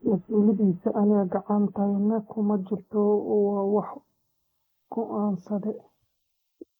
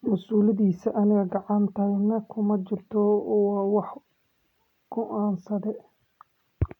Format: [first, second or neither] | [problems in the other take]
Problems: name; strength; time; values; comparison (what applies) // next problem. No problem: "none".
second | noise reduction (neural mask model Resemble Enhance denoiser)